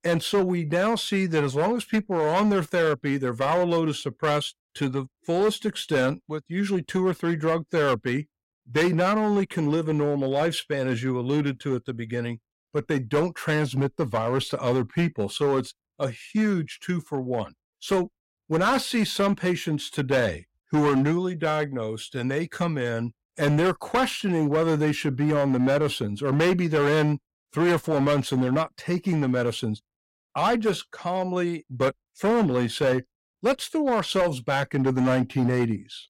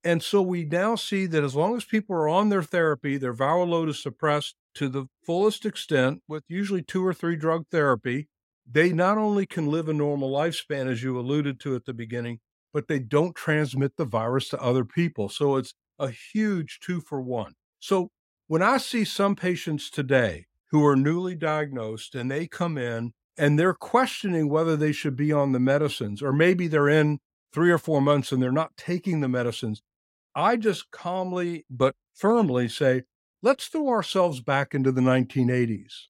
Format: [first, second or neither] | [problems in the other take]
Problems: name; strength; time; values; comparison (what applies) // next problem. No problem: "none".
second | distortion; slight; 8% of the sound clipped